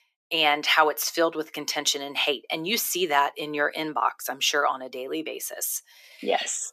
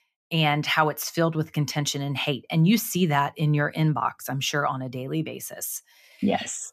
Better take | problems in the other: second | thin; very; fading below 400 Hz

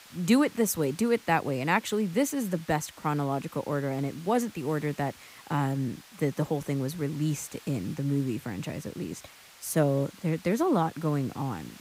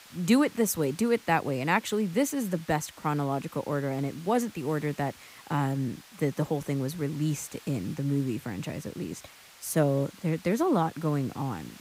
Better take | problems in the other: neither | hiss; faint; throughout; 20 dB below the speech; the same in both

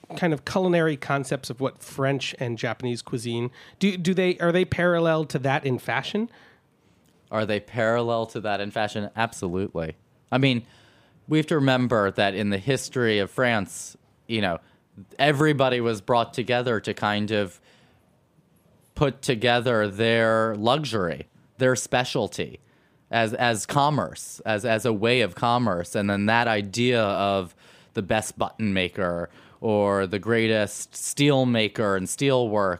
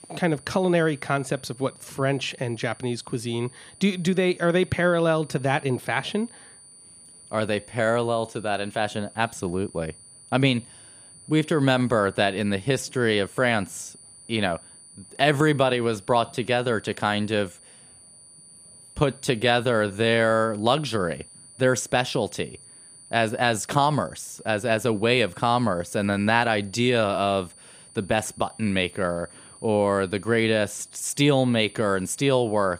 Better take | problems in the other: first | high-pitched whine; faint; throughout; 9.5 kHz, 20 dB below the speech

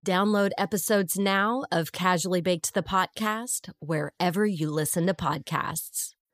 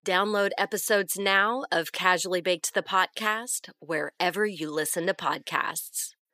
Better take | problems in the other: first | thin; somewhat; fading below 350 Hz

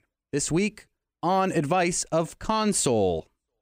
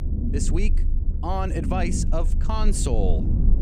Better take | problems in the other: first | low rumble; loud; throughout; 8 dB below the speech

